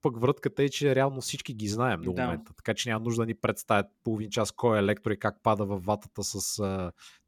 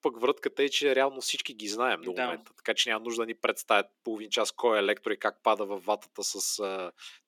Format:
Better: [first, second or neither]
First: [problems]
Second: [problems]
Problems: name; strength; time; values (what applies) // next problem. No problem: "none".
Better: first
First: none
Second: thin; somewhat; fading below 300 Hz